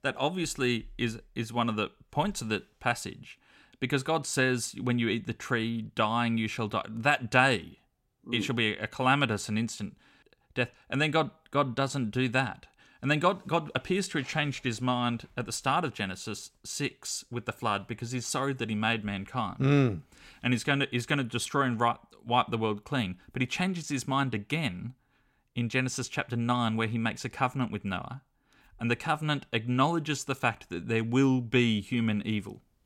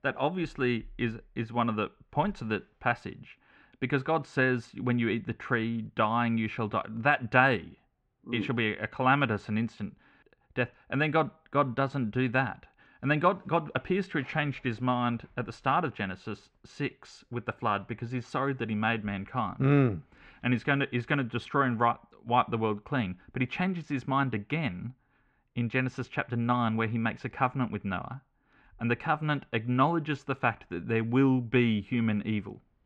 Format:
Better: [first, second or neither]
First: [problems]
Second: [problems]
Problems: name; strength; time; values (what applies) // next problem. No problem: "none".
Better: first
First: none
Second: muffled; very; fading above 2 kHz